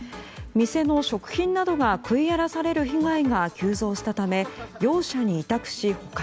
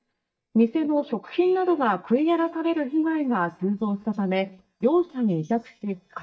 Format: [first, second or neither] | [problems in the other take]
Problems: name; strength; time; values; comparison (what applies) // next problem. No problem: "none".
first | noise reduction (neural mask model DeepFilterNet 3)